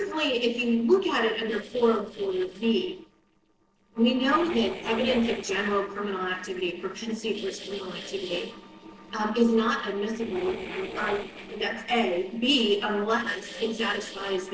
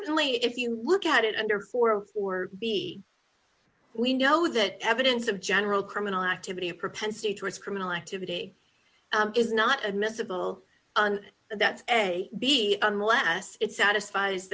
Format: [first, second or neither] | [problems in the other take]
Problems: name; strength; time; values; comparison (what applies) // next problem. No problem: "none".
second | noise reduction (neural separator model SepFormer DNS4)